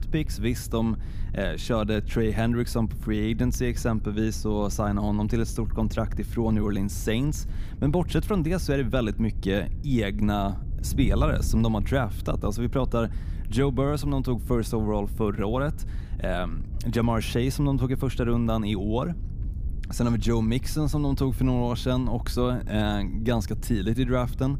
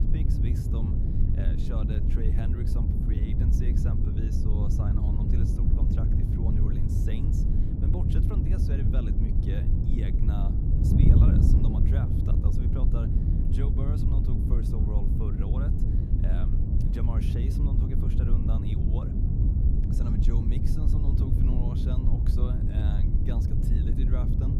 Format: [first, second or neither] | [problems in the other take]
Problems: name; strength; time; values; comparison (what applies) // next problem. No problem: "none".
first | wind noise on the microphone; heavy; 4 dB above the speech; occasional gusts in the first